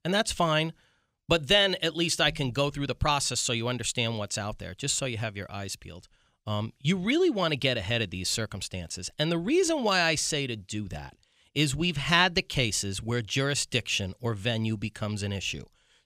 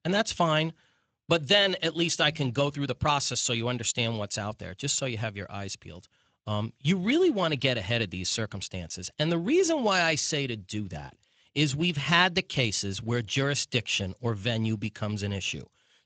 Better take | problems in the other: first | garbled, watery; slightly; nothing above 7.5 kHz

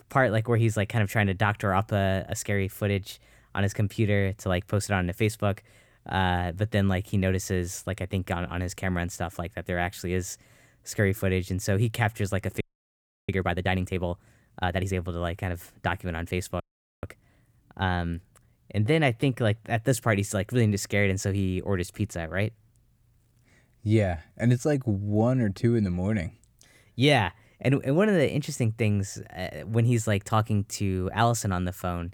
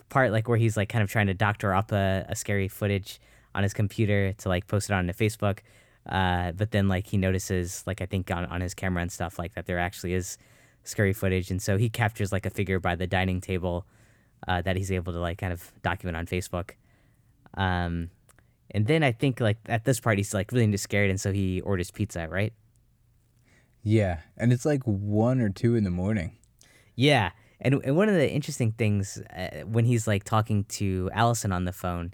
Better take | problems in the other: second | audio freezing; at 13 s for 0.5 s and at 17 s

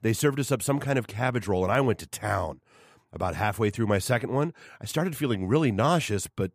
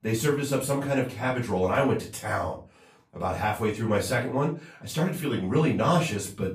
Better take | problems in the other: first | room echo; slight; dies away in 0.3 s // off-mic speech; far

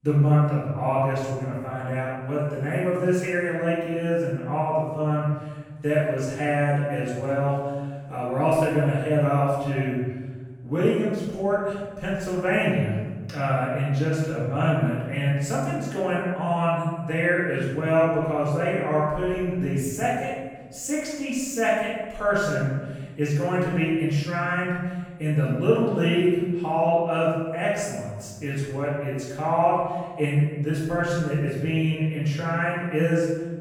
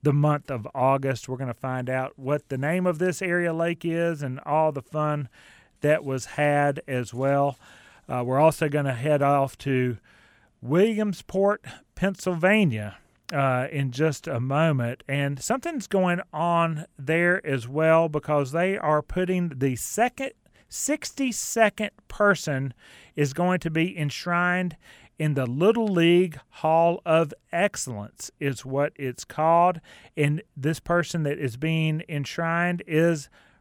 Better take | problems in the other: second | off-mic speech; far // room echo; strong; dies away in 1.3 s

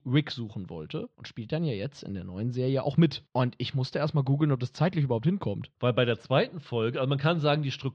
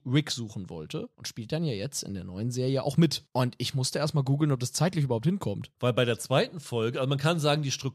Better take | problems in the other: second | muffled; slightly; fading above 3.5 kHz

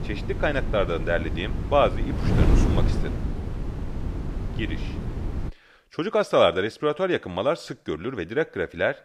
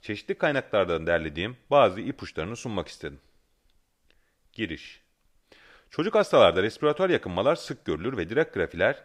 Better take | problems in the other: second | wind noise on the microphone; occasional gusts; until 5.5 s; 10 dB below the speech

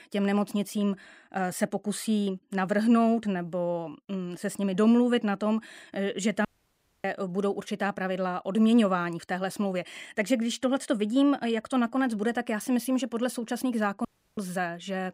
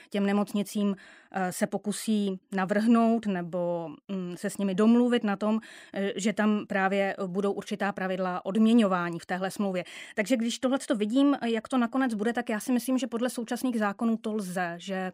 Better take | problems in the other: second | audio cutting out; at 6.5 s for 0.5 s and at 14 s

